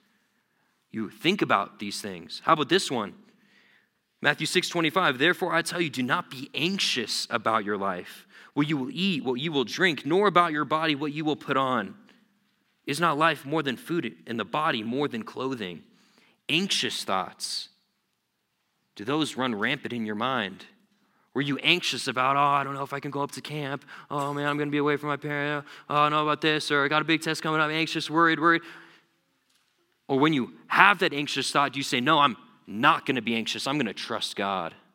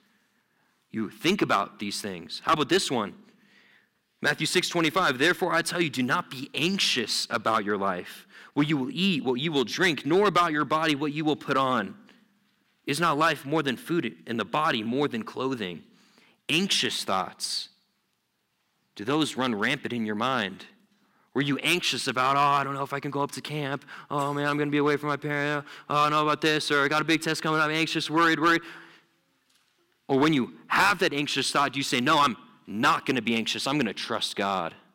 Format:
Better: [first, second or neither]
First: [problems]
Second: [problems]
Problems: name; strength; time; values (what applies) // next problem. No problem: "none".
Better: first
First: none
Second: distortion; slight; 1.8% of the sound clipped